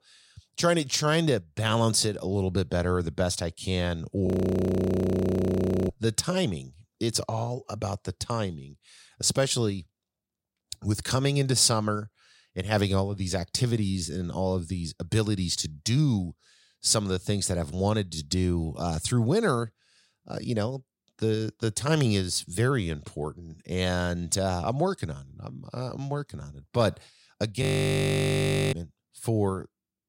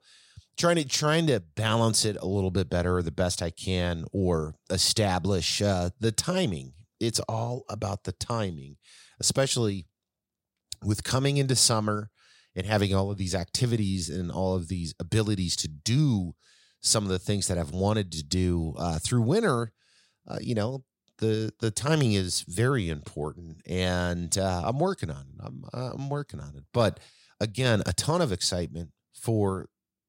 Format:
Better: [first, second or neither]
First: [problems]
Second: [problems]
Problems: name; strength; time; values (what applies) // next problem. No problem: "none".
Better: second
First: audio freezing; at 4.5 s for 1.5 s and at 28 s for 1 s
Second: none